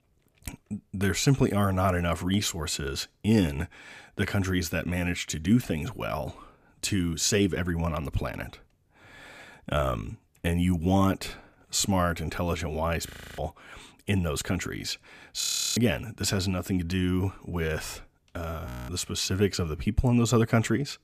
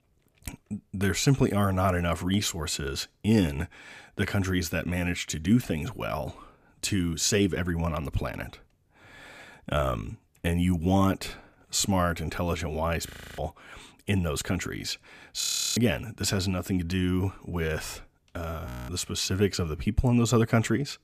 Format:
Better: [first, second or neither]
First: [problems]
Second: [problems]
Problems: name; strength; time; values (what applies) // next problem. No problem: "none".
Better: neither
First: audio freezing; at 13 s, at 15 s and at 19 s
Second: audio freezing; at 13 s, at 15 s and at 19 s